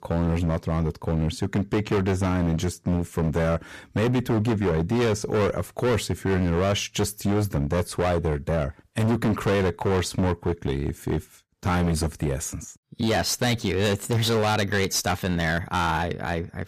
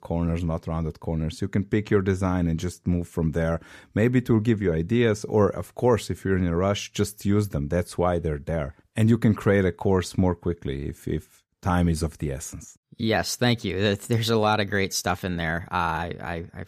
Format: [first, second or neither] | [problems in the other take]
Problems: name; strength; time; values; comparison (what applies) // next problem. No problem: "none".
second | distortion; heavy; 21% of the sound clipped